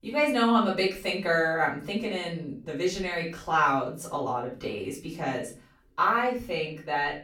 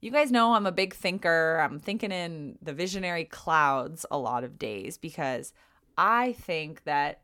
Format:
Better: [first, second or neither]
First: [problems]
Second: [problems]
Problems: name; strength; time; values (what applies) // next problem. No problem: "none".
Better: second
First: room echo; slight; dies away in 0.3 s // off-mic speech; far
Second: none